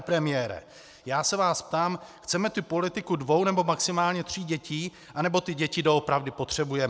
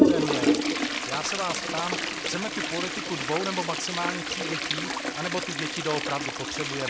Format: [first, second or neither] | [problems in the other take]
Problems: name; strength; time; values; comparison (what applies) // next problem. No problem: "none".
first | background sound (Toilet flush); 5 dB above the speech